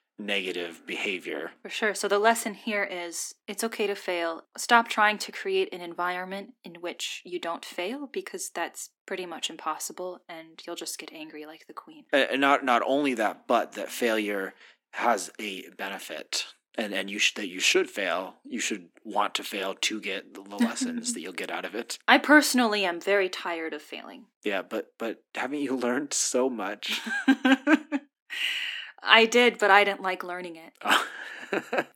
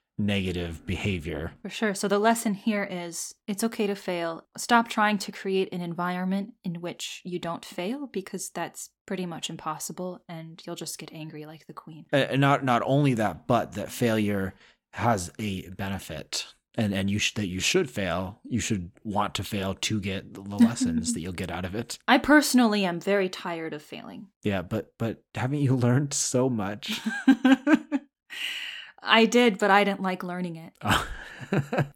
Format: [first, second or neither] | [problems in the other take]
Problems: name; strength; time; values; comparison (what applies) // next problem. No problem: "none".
second | thin; very slightly; fading below 250 Hz